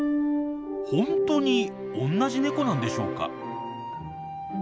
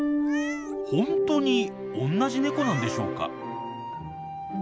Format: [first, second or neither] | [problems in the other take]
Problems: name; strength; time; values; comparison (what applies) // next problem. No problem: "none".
first | background sound (Meow); 18 dB below the speech